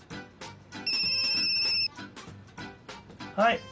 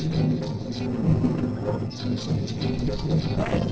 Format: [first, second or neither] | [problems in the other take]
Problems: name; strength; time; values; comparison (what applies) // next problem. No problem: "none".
first | noise reduction (neural separator model SepFormer DNS4)